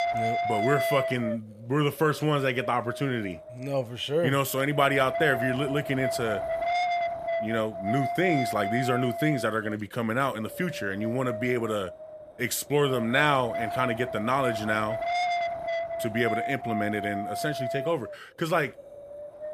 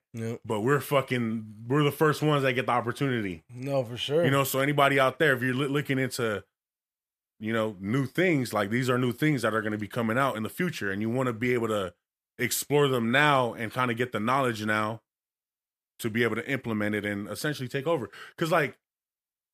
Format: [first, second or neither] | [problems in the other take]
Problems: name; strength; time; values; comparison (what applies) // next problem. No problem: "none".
second | wind noise on the microphone; heavy; 2 dB below the speech